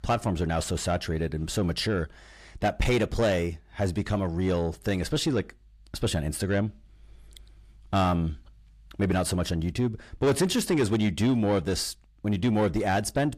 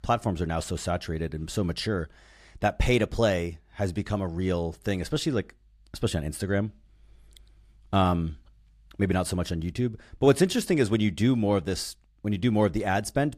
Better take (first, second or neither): second